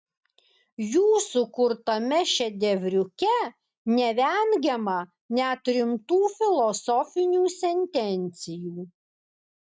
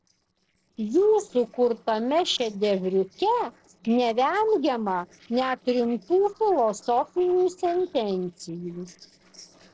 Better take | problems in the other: first | noise reduction (neural separator model SepFormer DNS4)

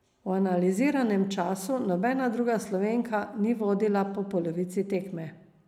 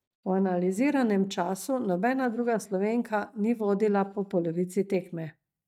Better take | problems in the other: first | noise reduction (neural mask model DeepFilterNet 3)

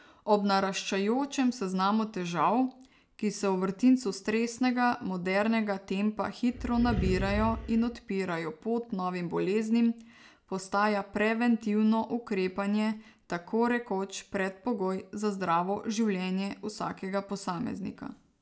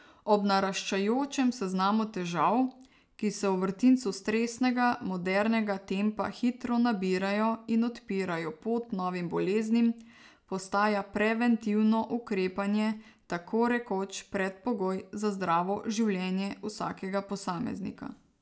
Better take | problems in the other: second | background sound (Animal); 6 dB below the speech

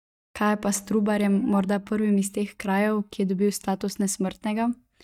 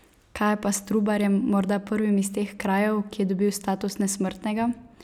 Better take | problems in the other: second | noise reduction (neural mask model DeepFilterNet 3)

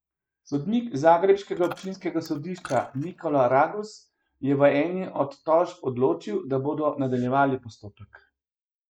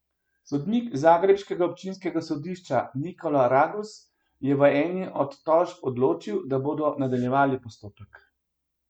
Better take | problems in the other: second | noise reduction (neural mask model Resemble Enhance denoiser)

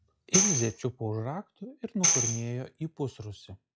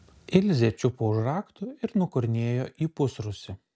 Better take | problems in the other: second | noise reduction (classical method log-MMSE)

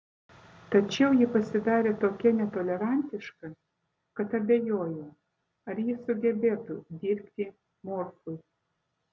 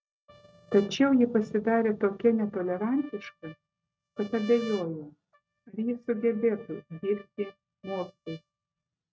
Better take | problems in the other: first | noise reduction (neural mask model RNNoise)

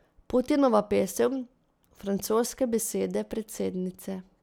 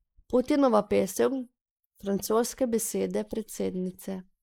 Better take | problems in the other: first | noise reduction (neural mask model Resemble Enhance denoiser)

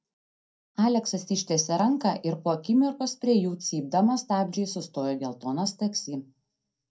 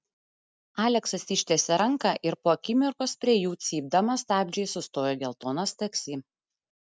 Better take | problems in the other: second | room echo; dies away in 0.2 s

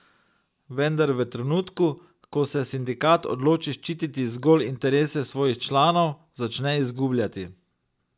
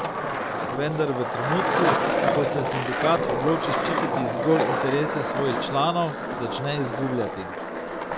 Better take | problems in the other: first | background sound (Skateboard); 1 dB above the speech

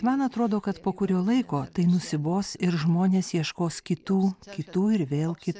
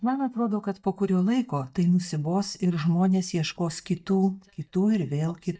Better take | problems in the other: first | noise reduction (neural mask model DeepFilterNet 3)

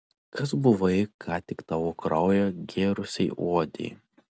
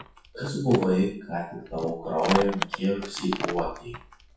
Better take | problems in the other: first | noise reduction (classical method WPE with log-MMSE)

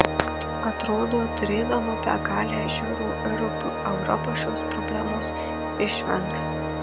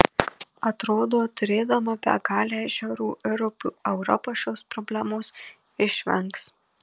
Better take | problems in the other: second | background sound (Organ); 1 dB below the speech

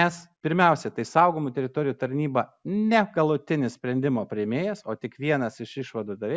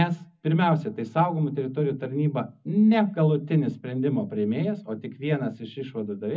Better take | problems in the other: first | room echo; dies away in 0.4 s

